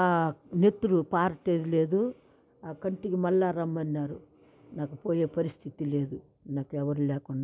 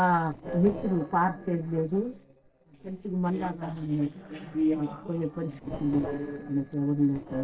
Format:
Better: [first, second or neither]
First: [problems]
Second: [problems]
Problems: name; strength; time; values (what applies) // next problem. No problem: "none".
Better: first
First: none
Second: noise reduction (neural separator model SepFormer DNS4)